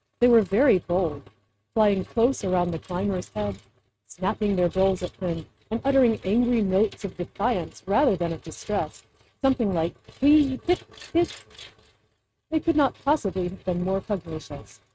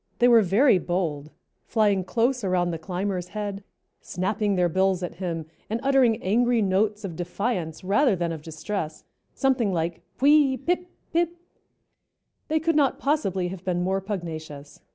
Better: second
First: noise reduction (neural mask model RNNoise)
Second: none

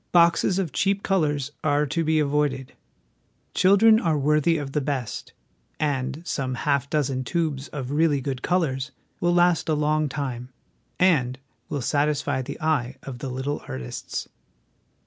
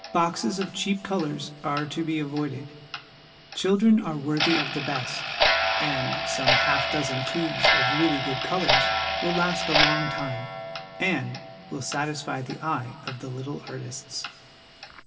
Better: first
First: none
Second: background sound (Clock); as loud as the speech // room echo; dies away in 1.9 s

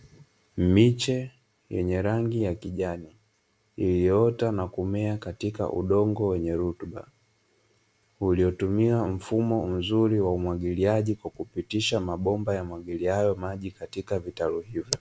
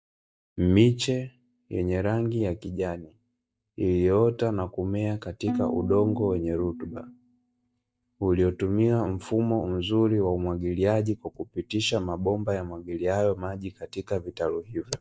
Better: first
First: none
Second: noise reduction (neural mask model DeepFilterNet 3)

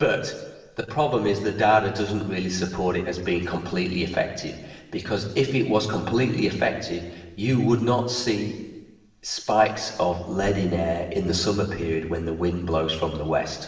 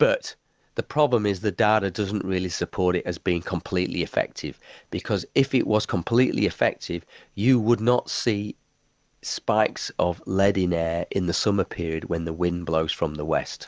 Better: second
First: room echo; dies away in 1.2 s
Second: none

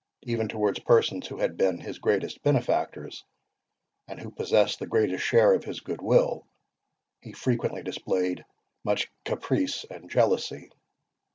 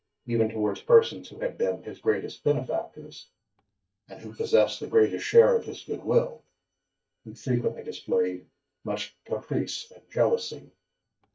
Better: first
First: none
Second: noise reduction (neural mask model DeepFilterNet 3)

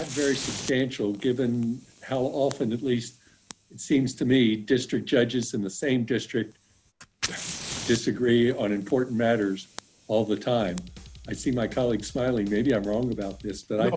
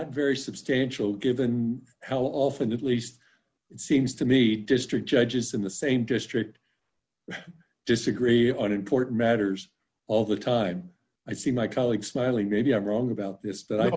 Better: second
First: background sound (Fire + Drum kit); 16 dB below the speech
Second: none

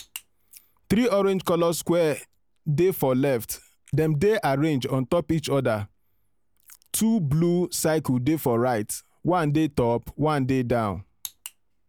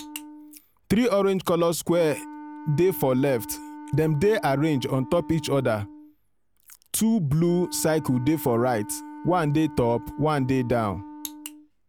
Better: first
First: none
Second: background sound (Wind instrument, woodwind instrument); 17 dB below the speech

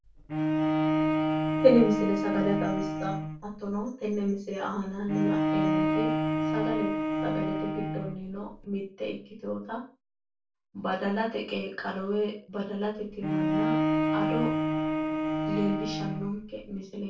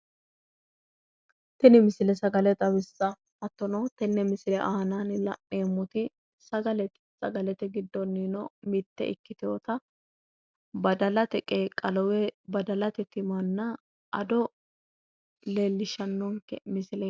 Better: second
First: background sound (Bowed string instrument); 3 dB above the speech // room echo; dies away in 0.3 s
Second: none

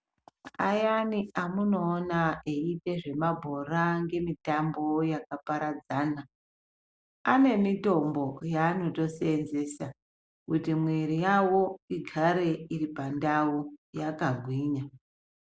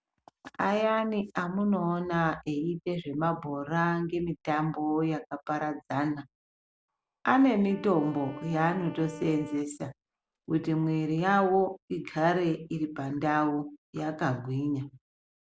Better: first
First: none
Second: background sound (Wind instrument, woodwind instrument); 17 dB below the speech

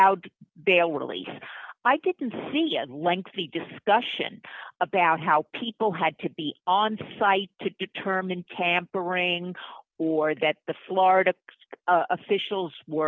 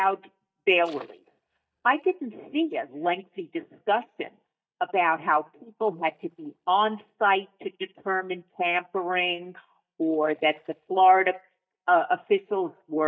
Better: first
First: none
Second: noise reduction (neural mask model DeepFilterNet 3)

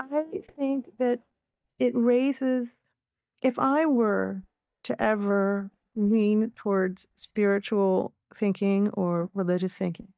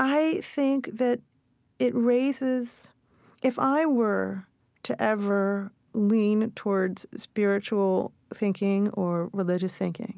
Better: second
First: noise reduction (neural mask model DeepFilterNet 3)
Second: none

